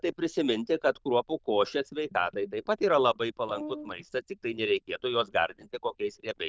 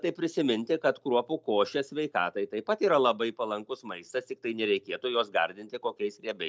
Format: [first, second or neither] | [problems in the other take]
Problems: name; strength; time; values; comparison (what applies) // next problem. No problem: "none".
second | noise reduction (neural diffusion model UNIVERSE++)